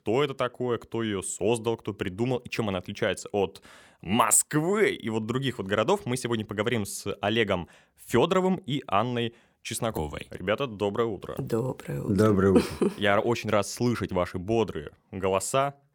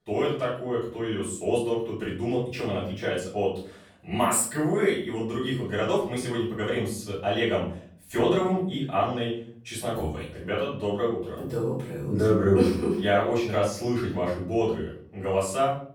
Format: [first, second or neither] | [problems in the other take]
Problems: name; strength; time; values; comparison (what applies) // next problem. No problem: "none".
first | off-mic speech; far // room echo; noticeable; dies away in 0.5 s